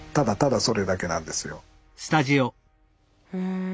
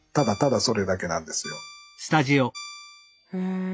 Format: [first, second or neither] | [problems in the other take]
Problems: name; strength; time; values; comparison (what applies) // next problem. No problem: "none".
first | noise reduction (classical method log-MMSE)